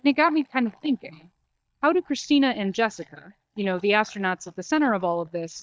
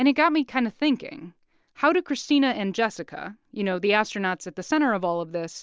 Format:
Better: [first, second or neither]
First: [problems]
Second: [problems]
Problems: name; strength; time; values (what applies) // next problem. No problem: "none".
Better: second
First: noise reduction (neural mask model DeepFilterNet 3)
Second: none